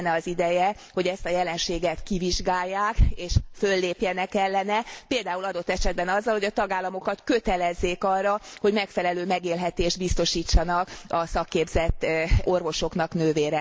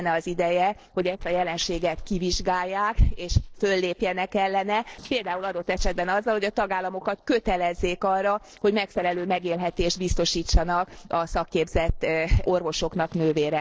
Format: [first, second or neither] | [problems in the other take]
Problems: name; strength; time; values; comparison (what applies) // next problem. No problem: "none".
first | noise reduction (neural separator model SepFormer DNS4)